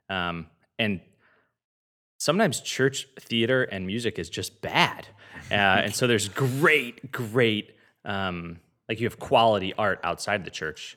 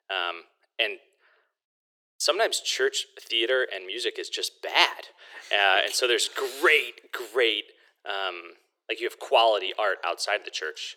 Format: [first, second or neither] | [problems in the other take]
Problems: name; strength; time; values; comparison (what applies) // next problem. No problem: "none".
first | thin; very; fading below 350 Hz